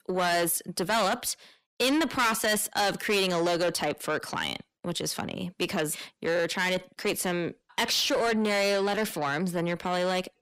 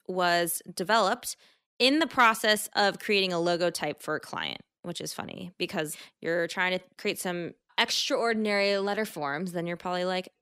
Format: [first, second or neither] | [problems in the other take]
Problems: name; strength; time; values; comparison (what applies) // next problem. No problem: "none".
second | distortion; heavy; 6 dB below the speech